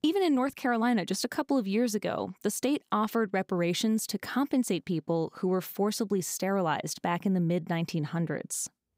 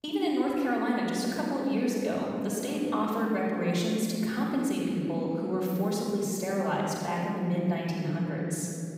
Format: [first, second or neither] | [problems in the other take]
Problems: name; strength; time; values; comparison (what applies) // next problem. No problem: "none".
first | off-mic speech; far // room echo; strong; dies away in 2.7 s